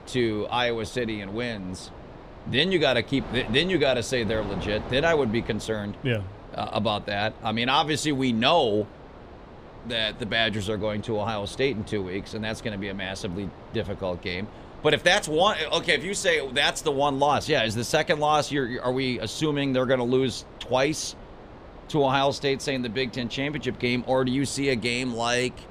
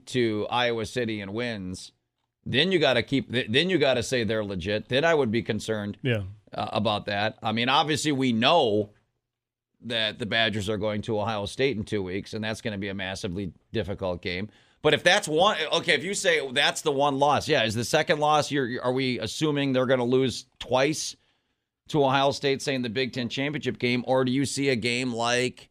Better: second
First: wind noise on the microphone; occasional gusts; 20 dB below the speech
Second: none

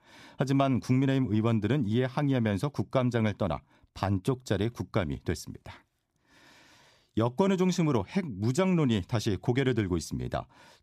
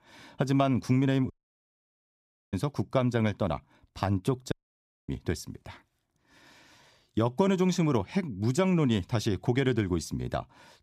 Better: first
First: none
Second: audio cutting out; at 1.5 s for 1 s and at 4.5 s for 0.5 s

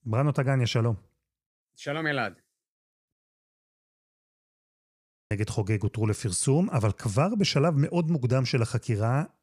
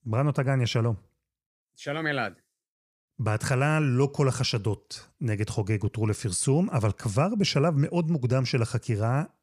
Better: second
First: audio cutting out; at 3 s for 2 s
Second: none

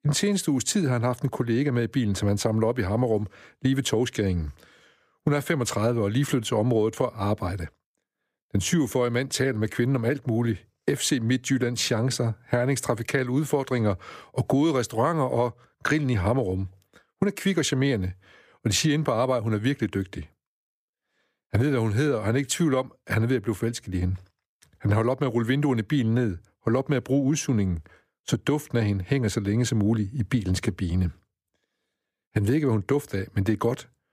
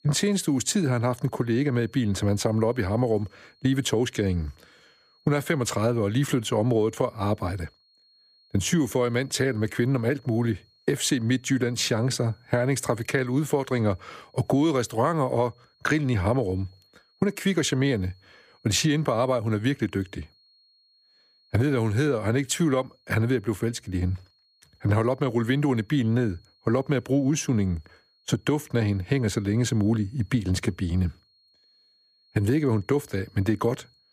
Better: first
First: none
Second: high-pitched whine; faint; throughout; 4.5 kHz, 35 dB below the speech

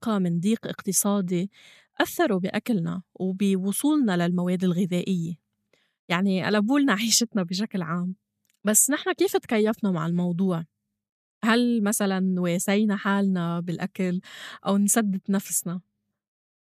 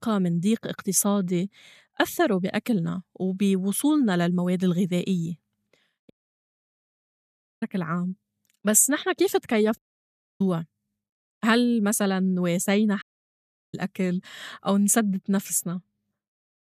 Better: first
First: none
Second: audio cutting out; at 6 s for 1.5 s, at 10 s for 0.5 s and at 13 s for 0.5 s

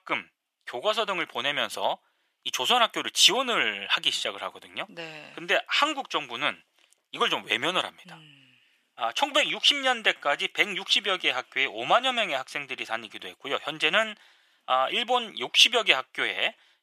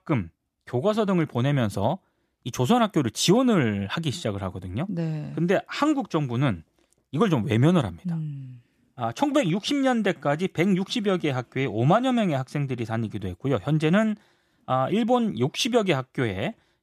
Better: second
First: thin; very; fading below 750 Hz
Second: none

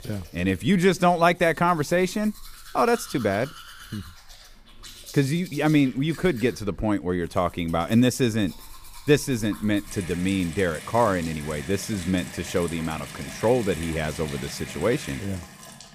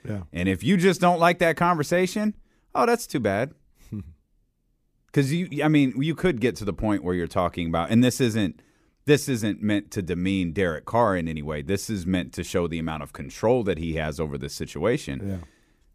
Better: second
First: household noises; noticeable; throughout; 15 dB below the speech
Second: none

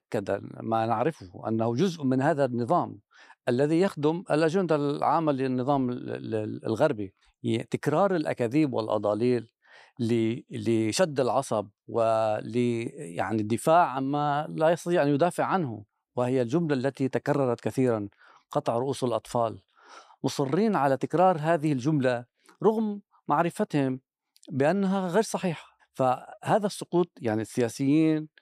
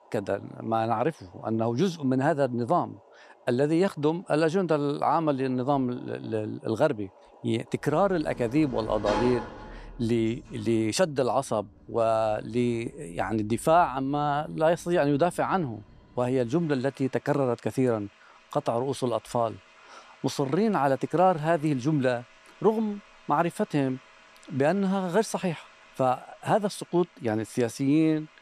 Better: first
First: none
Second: household noises; noticeable; throughout; 20 dB below the speech

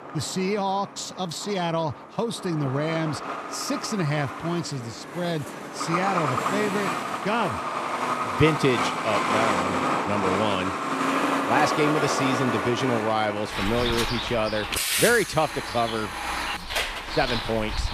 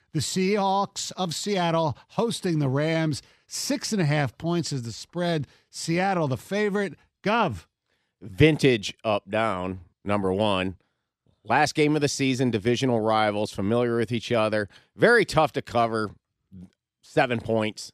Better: second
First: traffic noise; loud; throughout; as loud as the speech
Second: none

